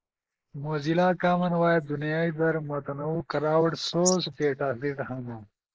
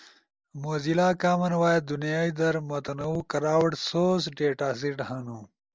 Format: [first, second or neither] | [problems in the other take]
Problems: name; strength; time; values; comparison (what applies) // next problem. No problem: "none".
second | noise reduction (neural mask model Resemble Enhance denoiser)